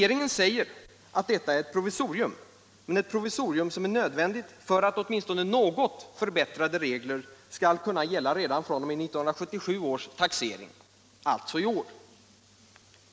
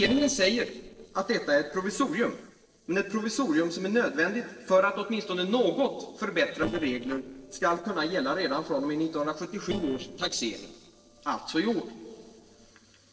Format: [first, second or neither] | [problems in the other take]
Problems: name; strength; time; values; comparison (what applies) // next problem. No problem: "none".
first | noise reduction (neural separator model SepFormer DNS4)